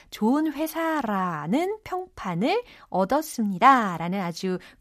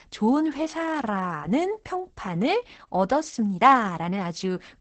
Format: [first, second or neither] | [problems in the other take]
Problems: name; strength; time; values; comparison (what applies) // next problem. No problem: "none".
first | garbled, watery; badly; nothing above 8 kHz